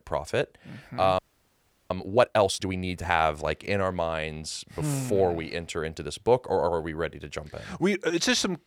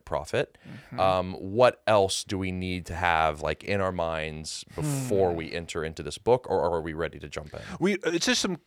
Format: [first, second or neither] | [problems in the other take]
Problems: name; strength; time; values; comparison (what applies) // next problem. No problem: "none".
second | audio freezing; at 1 s for 0.5 s